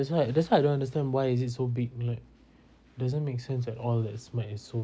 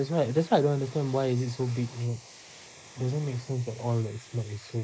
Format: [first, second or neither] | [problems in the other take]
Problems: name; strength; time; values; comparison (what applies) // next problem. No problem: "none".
first | noise reduction (neural mask model Resemble Enhance denoiser)